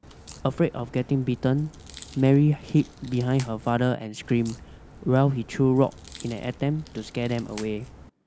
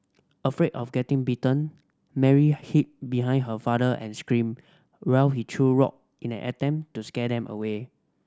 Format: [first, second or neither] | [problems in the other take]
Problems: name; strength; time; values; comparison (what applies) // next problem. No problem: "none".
second | background sound (Crack); 20 dB below the speech